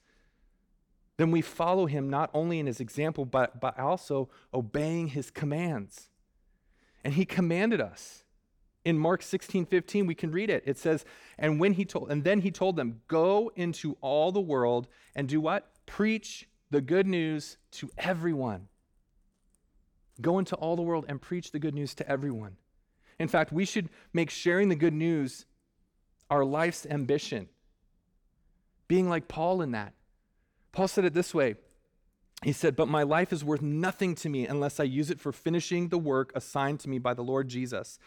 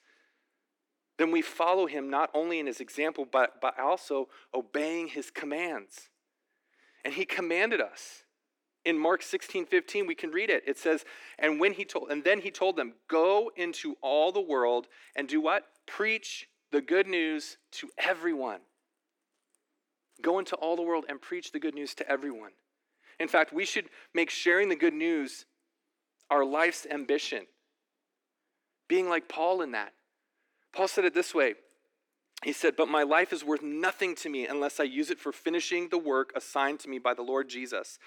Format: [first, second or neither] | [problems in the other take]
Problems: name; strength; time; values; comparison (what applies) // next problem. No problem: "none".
first | thin; somewhat; fading below 300 Hz